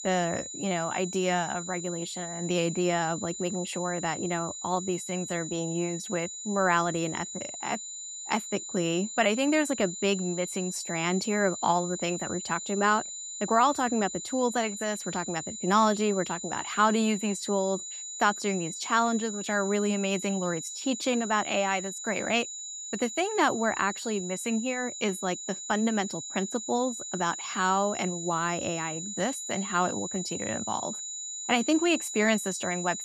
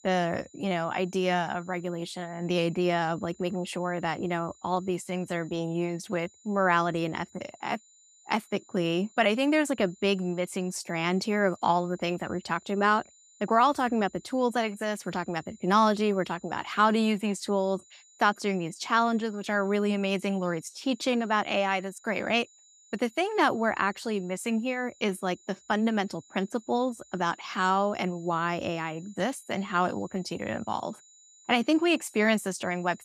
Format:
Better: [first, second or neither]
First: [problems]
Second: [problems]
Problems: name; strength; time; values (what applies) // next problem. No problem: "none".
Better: second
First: high-pitched whine; loud; throughout; 7 kHz, 7 dB below the speech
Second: high-pitched whine; faint; throughout; 7 kHz, 25 dB below the speech